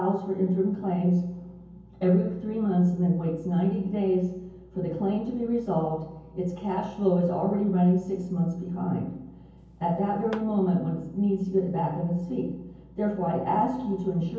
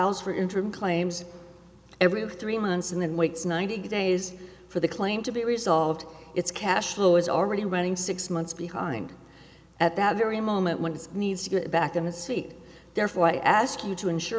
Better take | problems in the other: second | background sound (Tap / Hammer); 19 dB below the speech // room echo; dies away in 0.9 s

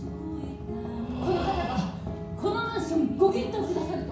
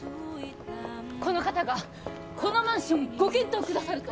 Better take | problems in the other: second | background sound (Breathing); 12 dB below the speech // room echo; dies away in 0.6 s

